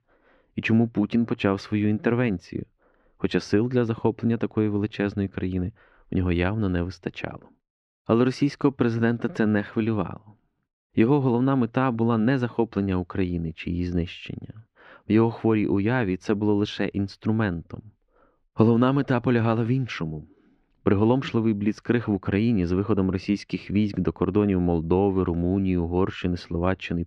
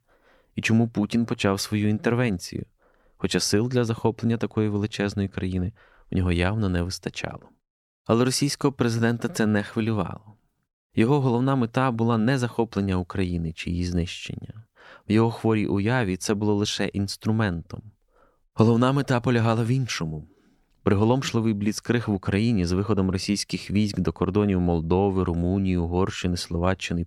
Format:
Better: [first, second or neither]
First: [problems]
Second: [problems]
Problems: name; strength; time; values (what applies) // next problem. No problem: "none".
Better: second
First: muffled; slightly; fading above 2.5 kHz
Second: none